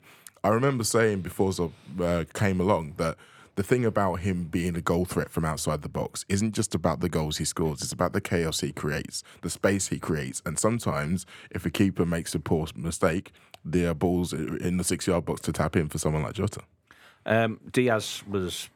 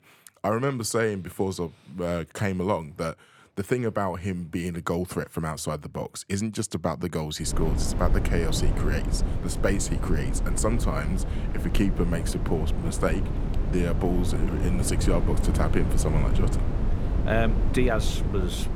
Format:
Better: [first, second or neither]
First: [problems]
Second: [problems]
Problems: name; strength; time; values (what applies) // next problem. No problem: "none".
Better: first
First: none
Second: wind noise on the microphone; heavy; from 7.5 s on; 7 dB below the speech